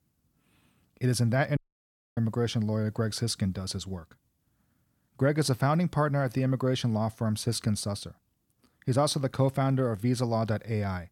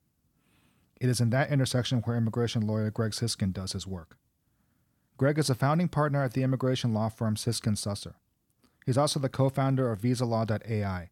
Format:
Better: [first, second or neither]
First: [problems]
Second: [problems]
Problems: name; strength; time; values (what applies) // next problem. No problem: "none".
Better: second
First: audio cutting out; at 1.5 s for 0.5 s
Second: none